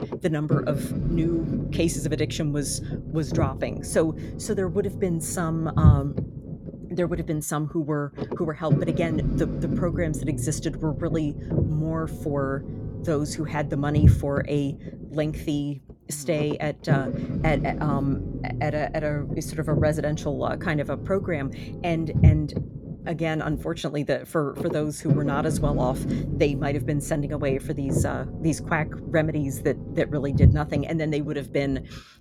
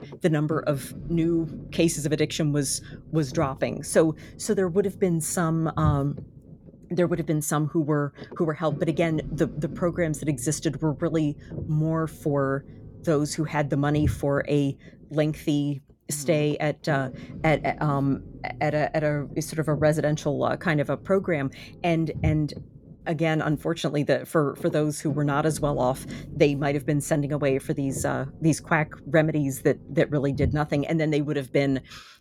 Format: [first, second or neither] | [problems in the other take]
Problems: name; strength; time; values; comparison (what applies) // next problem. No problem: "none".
second | low rumble; loud; throughout; 8 dB below the speech; faint in the second